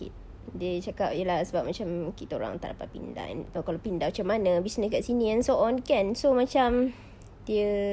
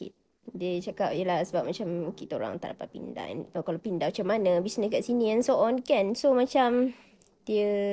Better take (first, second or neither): first